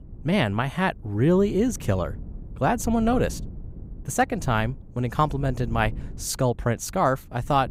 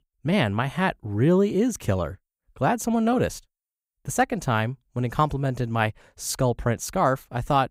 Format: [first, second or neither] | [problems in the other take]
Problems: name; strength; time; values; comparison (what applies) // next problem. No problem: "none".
second | wind noise on the microphone; occasional gusts; 25 dB below the speech